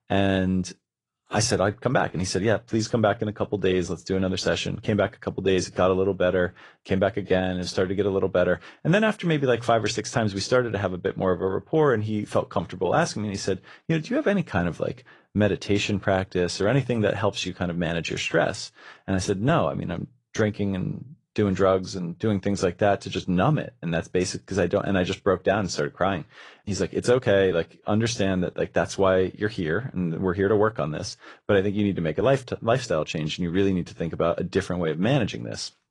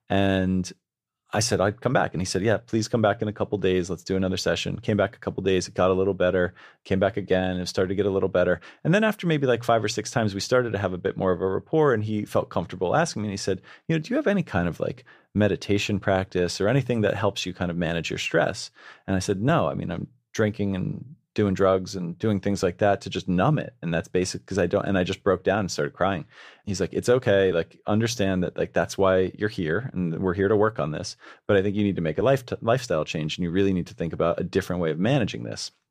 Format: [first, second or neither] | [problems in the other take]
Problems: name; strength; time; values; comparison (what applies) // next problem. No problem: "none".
second | garbled, watery; slightly; nothing above 10 kHz